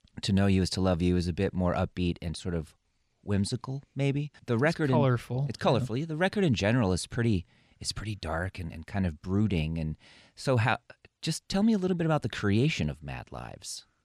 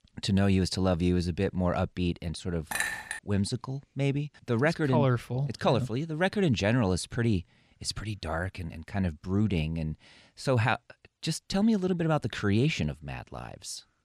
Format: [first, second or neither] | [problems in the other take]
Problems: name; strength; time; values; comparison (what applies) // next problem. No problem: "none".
first | clattering dishes; noticeable; at 2.5 s; peak 2 dB below the speech